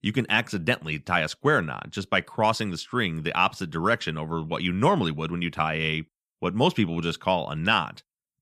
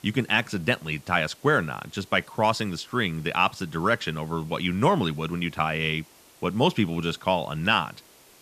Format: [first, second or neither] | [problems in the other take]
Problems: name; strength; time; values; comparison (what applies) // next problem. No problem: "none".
first | hiss; faint; throughout; 25 dB below the speech